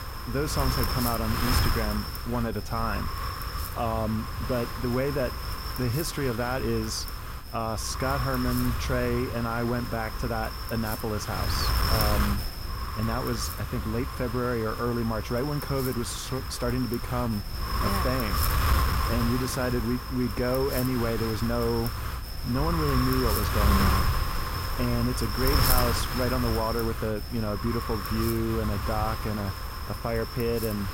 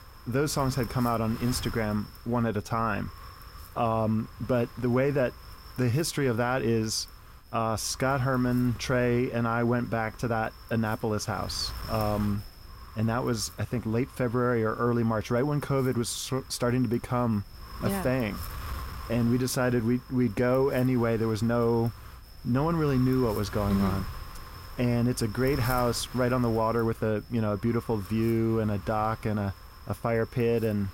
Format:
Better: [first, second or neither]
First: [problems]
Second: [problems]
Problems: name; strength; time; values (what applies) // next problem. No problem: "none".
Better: second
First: wind noise on the microphone; heavy; 1 dB below the speech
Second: wind noise on the microphone; occasional gusts; 15 dB below the speech